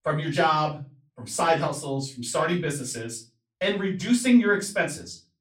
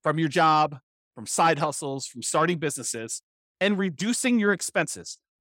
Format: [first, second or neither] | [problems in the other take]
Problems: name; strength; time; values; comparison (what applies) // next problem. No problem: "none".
second | off-mic speech; far // room echo; very slight; dies away in 0.3 s